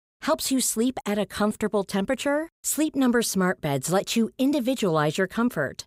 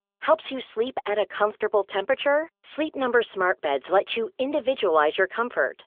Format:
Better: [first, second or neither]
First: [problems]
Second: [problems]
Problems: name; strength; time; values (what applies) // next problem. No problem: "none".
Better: first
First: none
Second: phone-call audio; nothing above 3.5 kHz